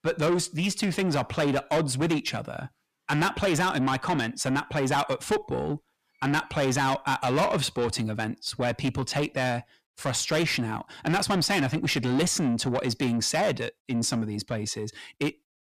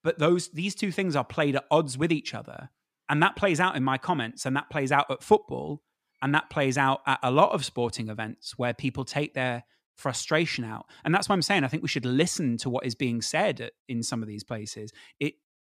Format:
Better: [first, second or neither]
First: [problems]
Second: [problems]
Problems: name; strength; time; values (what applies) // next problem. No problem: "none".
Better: second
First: distortion; heavy; 6 dB below the speech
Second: none